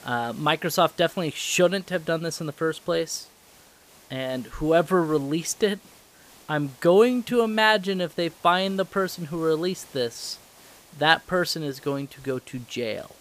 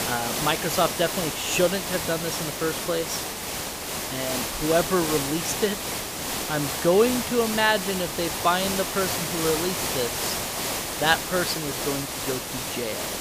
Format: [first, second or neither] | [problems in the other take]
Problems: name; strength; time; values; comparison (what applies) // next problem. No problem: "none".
first | hiss; loud; throughout; 1 dB below the speech; faint in the first